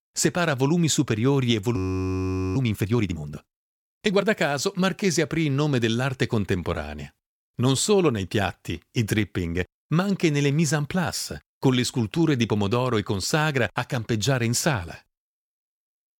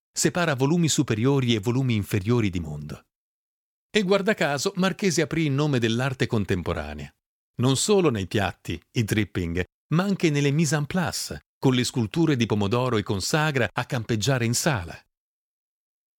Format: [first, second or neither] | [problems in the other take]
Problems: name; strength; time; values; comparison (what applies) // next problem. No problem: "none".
second | audio freezing; at 2 s for 1 s